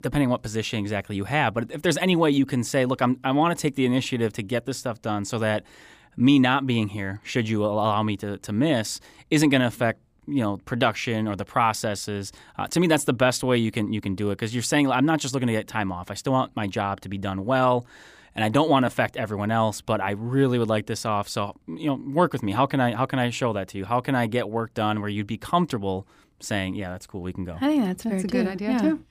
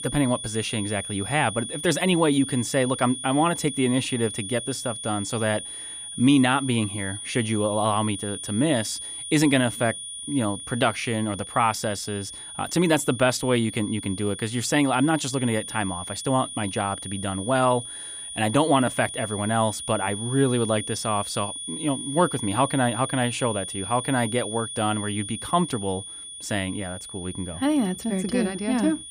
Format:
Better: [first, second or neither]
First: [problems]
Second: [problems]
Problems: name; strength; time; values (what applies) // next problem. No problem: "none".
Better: first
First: none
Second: high-pitched whine; loud; throughout; 9.5 kHz, 8 dB below the speech